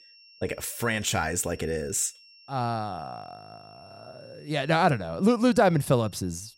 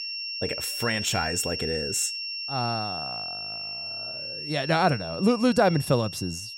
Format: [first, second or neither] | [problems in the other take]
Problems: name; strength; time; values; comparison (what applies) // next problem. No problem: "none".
first | high-pitched whine; loud; throughout; 5.5 kHz, 5 dB below the speech; faint in the first